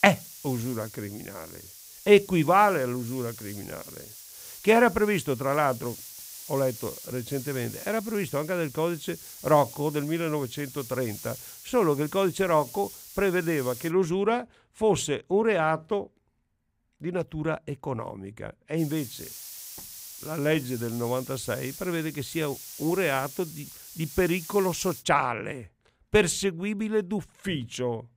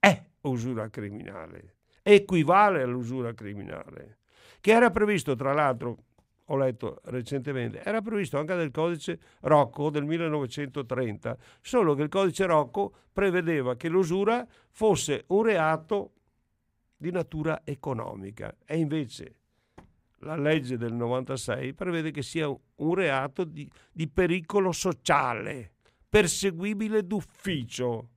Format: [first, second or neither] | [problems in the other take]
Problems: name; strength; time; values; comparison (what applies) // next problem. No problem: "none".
second | hiss; noticeable; until 14 s and from 19 to 25 s; 15 dB below the speech